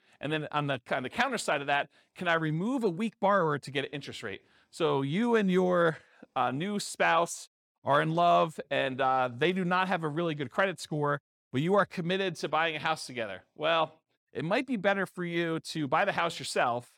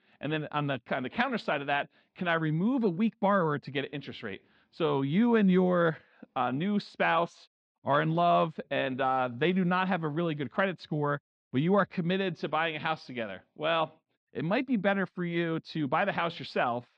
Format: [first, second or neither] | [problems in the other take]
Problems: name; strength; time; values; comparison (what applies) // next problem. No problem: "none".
first | muffled; very slightly; fading above 4 kHz